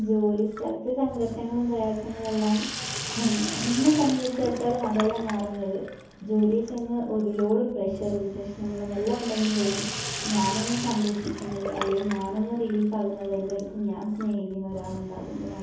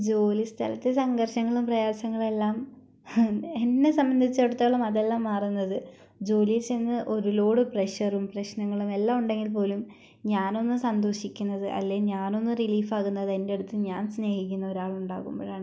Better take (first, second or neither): second